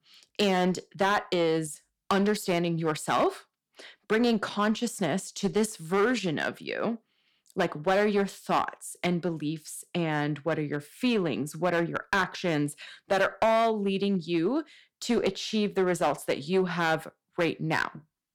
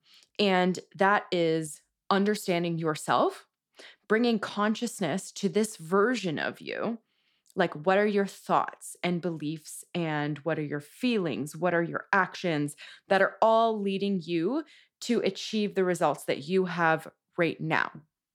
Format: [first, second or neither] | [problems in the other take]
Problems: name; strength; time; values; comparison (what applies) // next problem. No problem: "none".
second | distortion; slight; 4% of the sound clipped